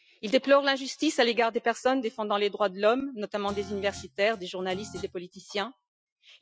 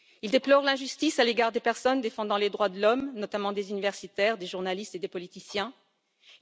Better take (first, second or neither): second